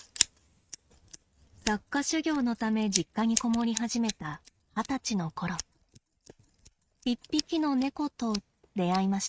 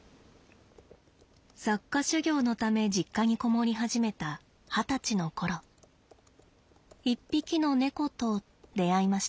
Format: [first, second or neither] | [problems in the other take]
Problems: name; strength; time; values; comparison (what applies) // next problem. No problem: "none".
second | noise reduction (neural mask model RNNoise)